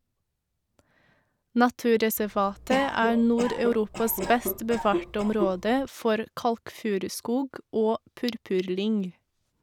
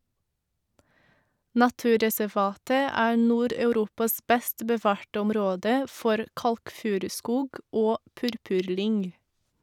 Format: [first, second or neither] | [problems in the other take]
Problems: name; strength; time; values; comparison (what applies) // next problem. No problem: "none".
second | background sound (Cough); 7 dB below the speech